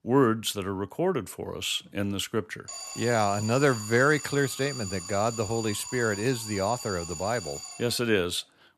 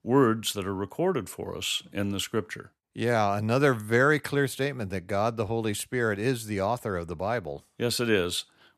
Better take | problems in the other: second | alarm; noticeable; from 2.5 to 8 s; peak 8 dB below the speech

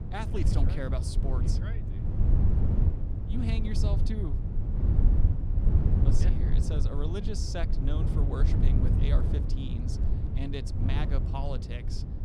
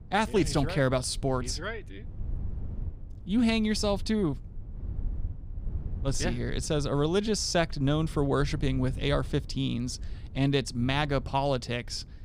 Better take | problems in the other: second | low rumble; loud; throughout; 1 dB below the speech; faint in the second

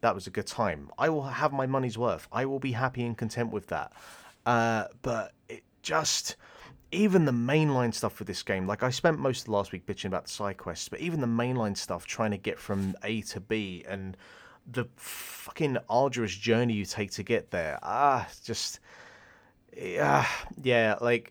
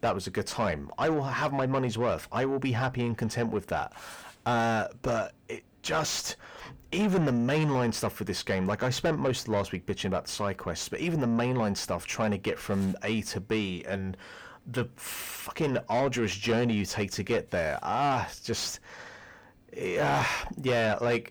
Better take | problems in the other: first | distortion; heavy; 7 dB below the speech

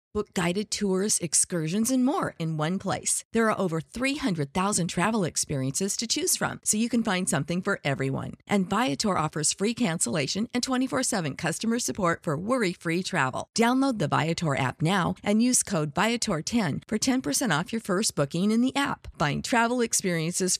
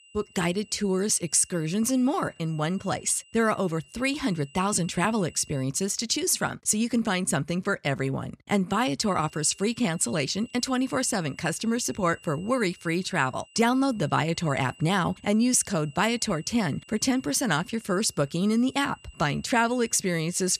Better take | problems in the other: first | high-pitched whine; faint; until 5.5 s and from 9 s on; 3 kHz, 25 dB below the speech

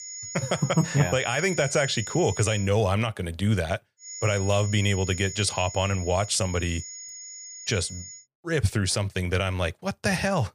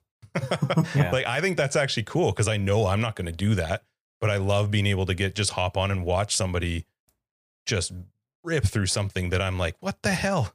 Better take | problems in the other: second | high-pitched whine; noticeable; until 2.5 s and from 4 to 8 s; 7 kHz, 10 dB below the speech

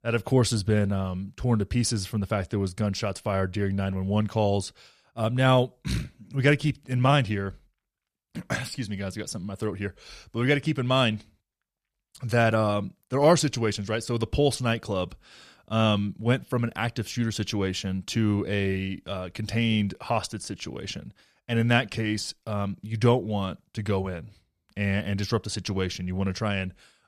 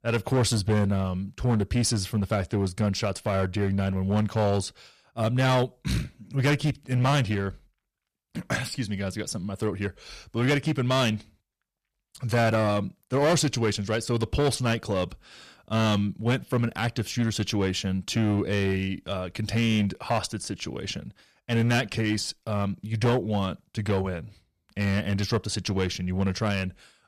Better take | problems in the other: first | distortion; slight; 7% of the sound clipped

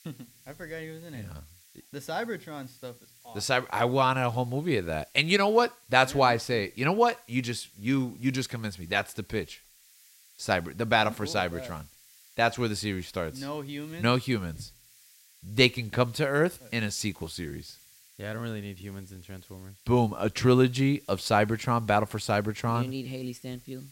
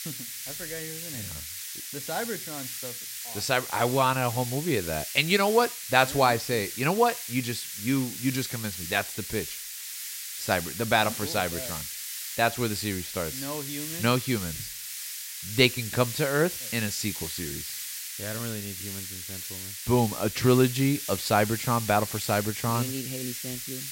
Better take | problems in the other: first | hiss; loud; throughout; 7 dB below the speech; faint in the first

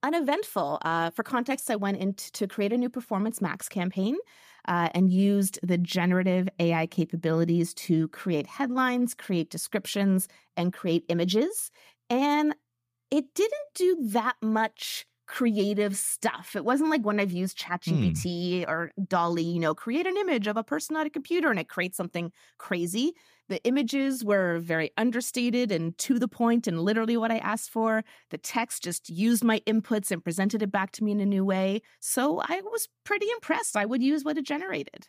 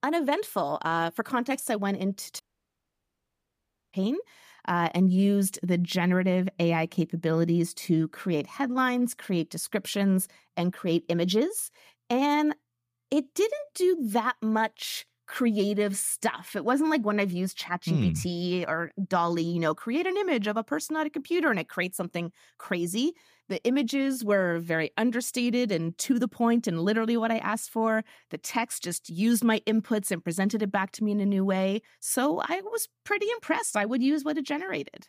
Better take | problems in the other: first | audio cutting out; at 2.5 s for 1.5 s

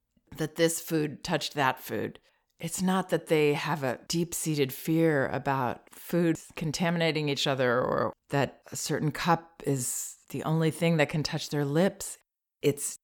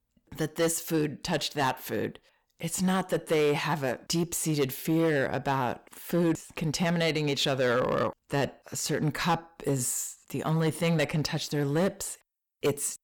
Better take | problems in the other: first | distortion; slight; 6% of the sound clipped

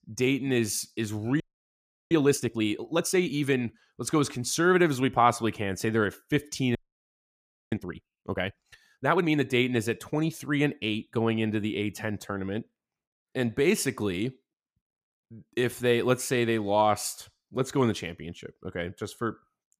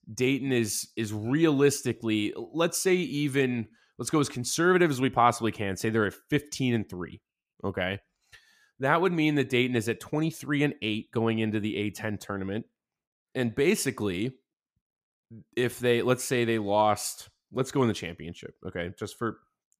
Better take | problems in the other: second | audio freezing; at 1.5 s for 0.5 s and at 7 s for 1 s

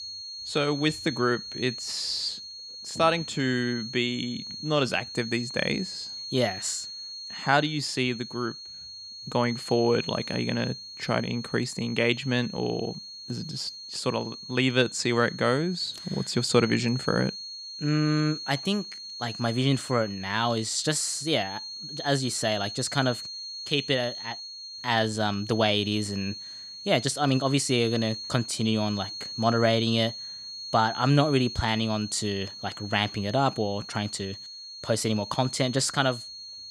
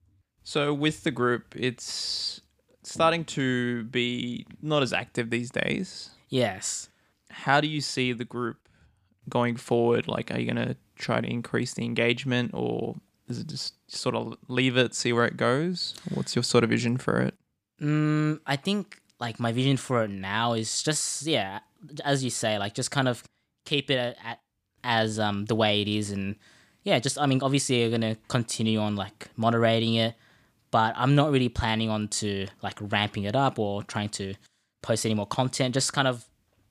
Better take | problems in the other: second | high-pitched whine; loud; throughout; 4.5 kHz, 9 dB below the speech

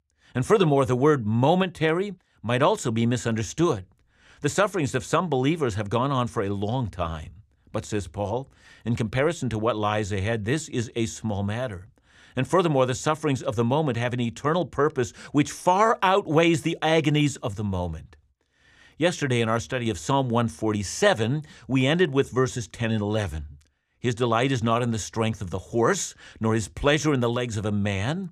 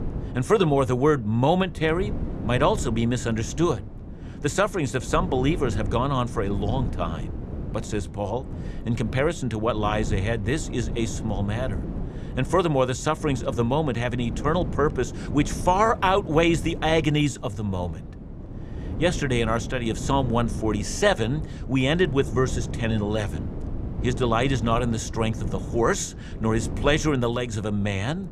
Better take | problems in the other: first | wind noise on the microphone; occasional gusts; 15 dB below the speech

